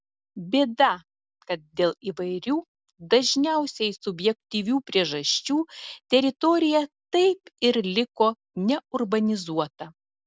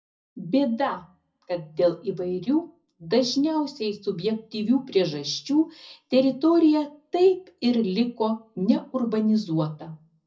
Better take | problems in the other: first | room echo; dies away in 0.4 s

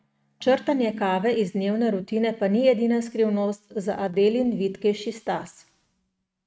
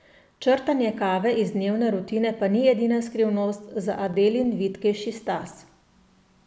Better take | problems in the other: second | noise reduction (neural mask model RNNoise)

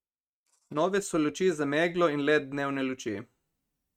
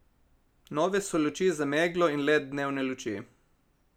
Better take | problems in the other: second | noise reduction (neural mask model RNNoise)

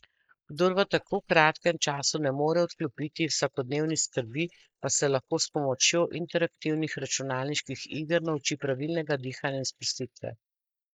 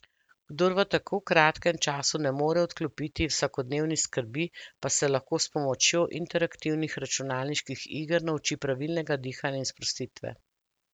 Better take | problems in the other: second | noise reduction (neural mask model Resemble Enhance denoiser)

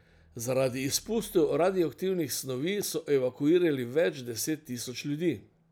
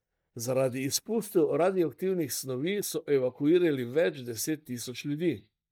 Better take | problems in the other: first | noise reduction (neural mask model DeepFilterNet 3)

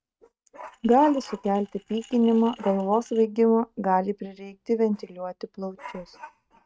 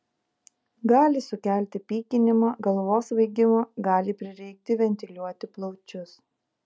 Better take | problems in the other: second | noise reduction (neural mask model RNNoise)

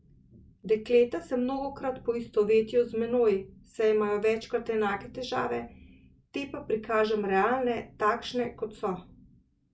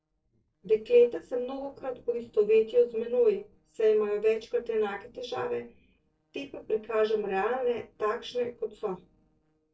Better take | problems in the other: first | noise reduction (neural separator model SepFormer DNS4)

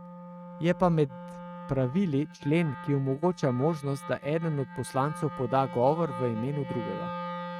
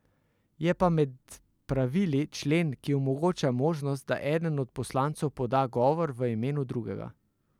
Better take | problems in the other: second | noise reduction (neural mask model RNNoise)

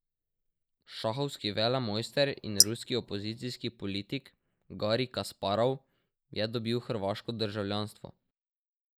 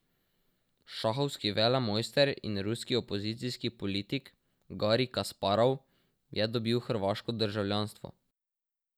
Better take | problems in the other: second | noise reduction (neural mask model Resemble Enhance denoiser)

